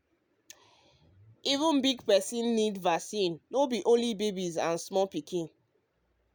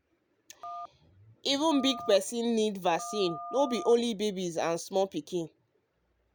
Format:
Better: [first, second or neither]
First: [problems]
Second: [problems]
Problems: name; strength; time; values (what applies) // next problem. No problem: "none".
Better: first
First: none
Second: background sound (Telephone); 12 dB below the speech